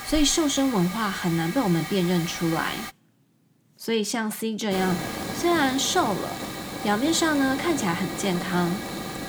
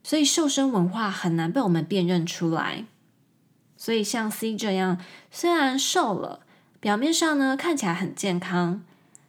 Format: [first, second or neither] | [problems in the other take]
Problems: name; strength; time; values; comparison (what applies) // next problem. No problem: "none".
second | hiss; loud; until 3 s and from 4.5 s on; 8 dB below the speech